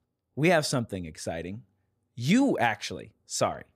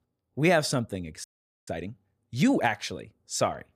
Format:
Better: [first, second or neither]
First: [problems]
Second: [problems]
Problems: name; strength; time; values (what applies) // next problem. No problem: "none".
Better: first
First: none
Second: audio freezing; at 1 s